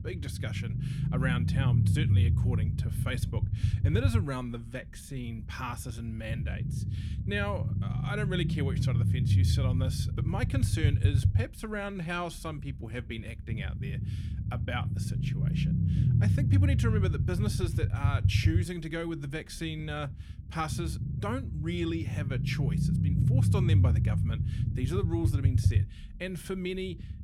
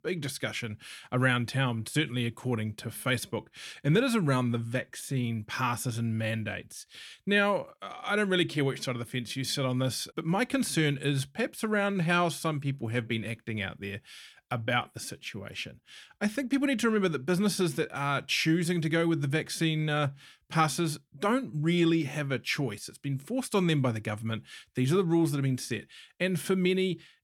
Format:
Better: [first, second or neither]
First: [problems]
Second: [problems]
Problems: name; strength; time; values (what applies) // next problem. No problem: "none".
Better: second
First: low rumble; loud; throughout; 4 dB below the speech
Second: none